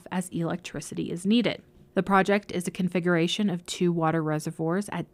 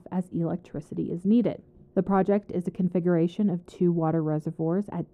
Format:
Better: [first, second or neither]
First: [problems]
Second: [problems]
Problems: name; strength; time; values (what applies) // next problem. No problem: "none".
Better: first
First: none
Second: muffled; very; fading above 1.5 kHz